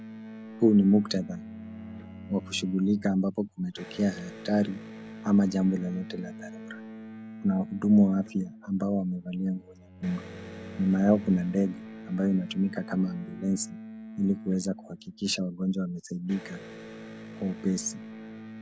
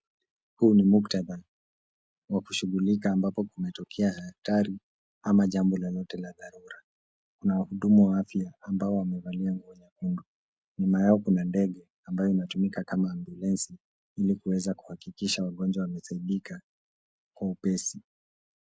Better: second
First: background sound (Electric guitar + Bowed string instrument); 15 dB below the speech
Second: none

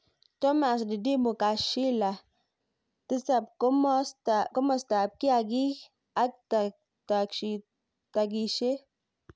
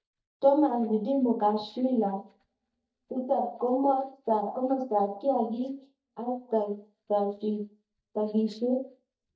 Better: first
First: none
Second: noise reduction (neural mask model DeepFilterNet 3)

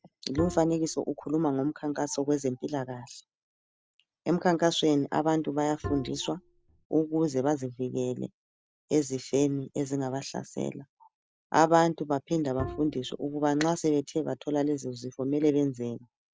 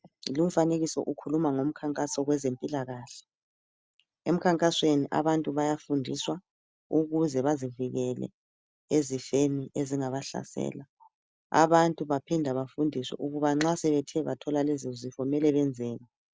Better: second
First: background sound (Bowed string instrument); 12 dB below the speech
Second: none

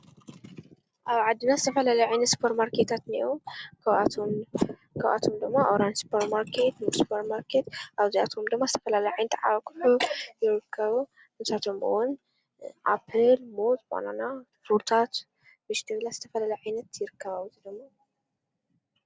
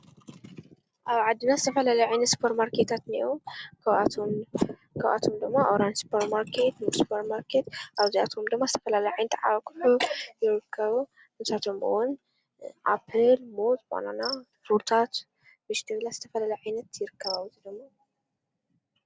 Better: first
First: none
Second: background sound (Cricket); 17 dB below the speech

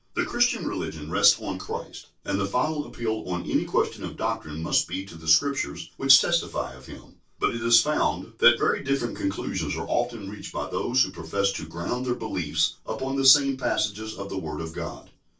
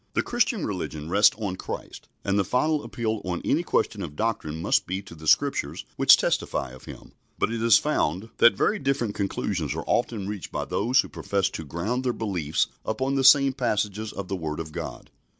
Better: second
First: room echo; dies away in 0.1 s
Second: none

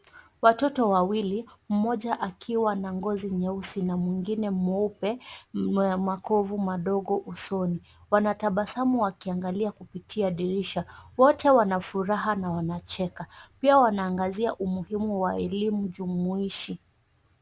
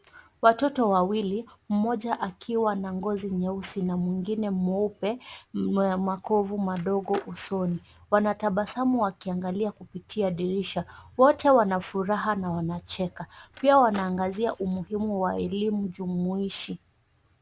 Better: first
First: none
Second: background sound (Skateboard); 20 dB below the speech

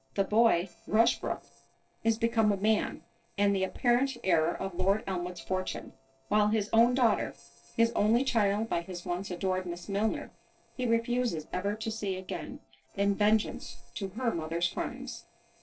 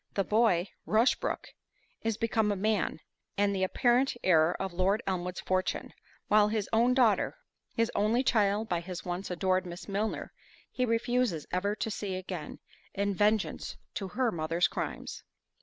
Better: second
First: noise reduction (neural separator model SepFormer DNS4)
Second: none

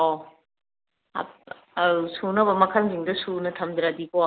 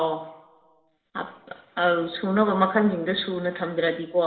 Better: first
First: none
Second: room echo; dies away in 0.9 s

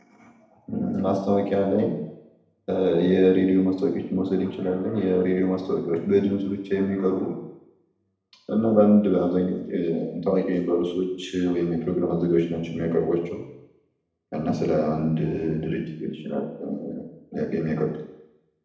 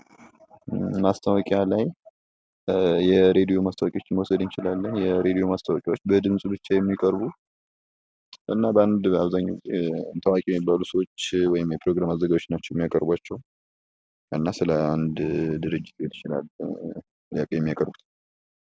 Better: second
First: room echo; dies away in 0.8 s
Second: none

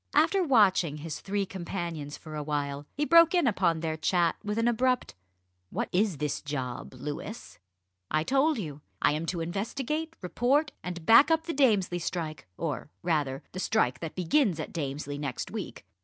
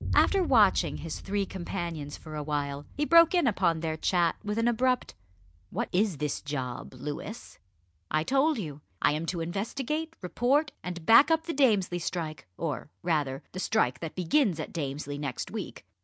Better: first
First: none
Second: background sound (Boom); 15 dB below the speech

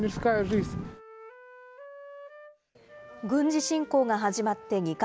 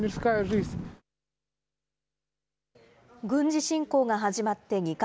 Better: second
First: background sound (Wind instrument, woodwind instrument); 19 dB below the speech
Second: none

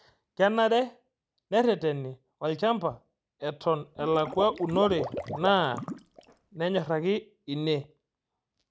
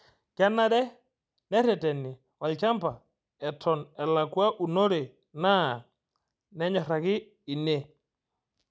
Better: second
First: background sound (Water / Liquid); 9 dB below the speech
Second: none

